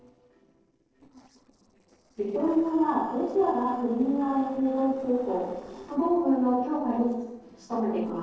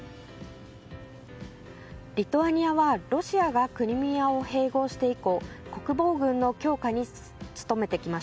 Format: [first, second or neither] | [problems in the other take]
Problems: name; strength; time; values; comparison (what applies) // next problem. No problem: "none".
second | noise reduction (neural separator model SepFormer DNS4)